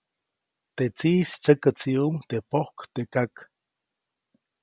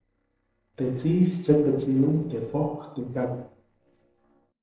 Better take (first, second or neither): first